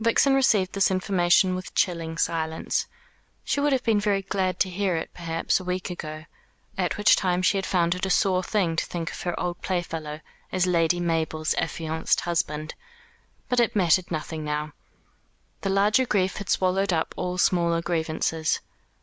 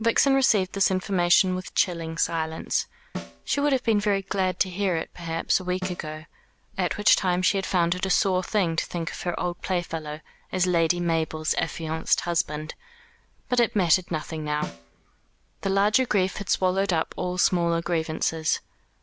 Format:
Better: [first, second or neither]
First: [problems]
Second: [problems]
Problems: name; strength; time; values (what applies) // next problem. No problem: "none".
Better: first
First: none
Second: background sound (Snare drum); 17 dB below the speech